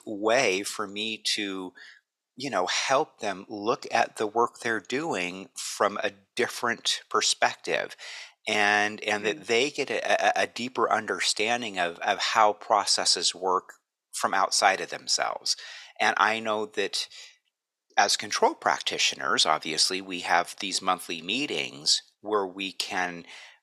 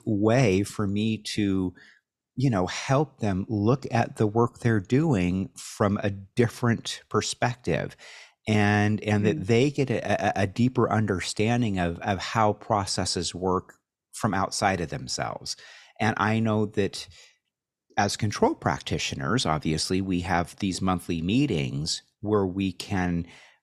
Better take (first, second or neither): second